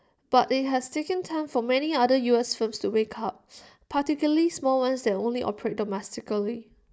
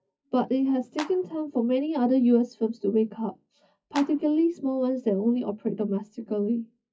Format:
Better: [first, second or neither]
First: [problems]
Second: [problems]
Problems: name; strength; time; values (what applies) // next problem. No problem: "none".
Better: first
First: none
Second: noise reduction (classical method WPE with log-MMSE)